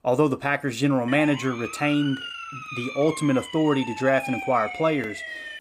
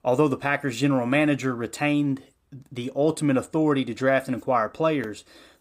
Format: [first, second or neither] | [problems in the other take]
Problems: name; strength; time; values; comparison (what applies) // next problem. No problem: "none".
second | siren; noticeable; from 1 s on; peak 8 dB below the speech